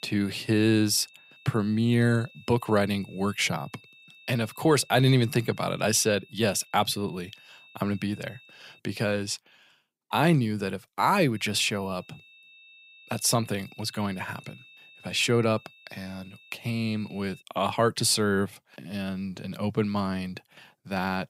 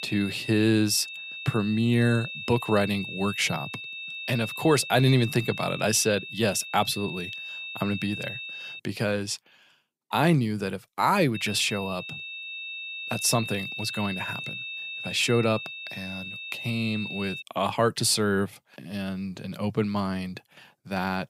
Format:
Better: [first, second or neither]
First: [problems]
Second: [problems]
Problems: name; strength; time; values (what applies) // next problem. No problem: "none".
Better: first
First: high-pitched whine; faint; until 9 s and from 11 to 17 s; 2.5 kHz, 25 dB below the speech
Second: high-pitched whine; loud; until 9 s and from 11 to 17 s; 2.5 kHz, 8 dB below the speech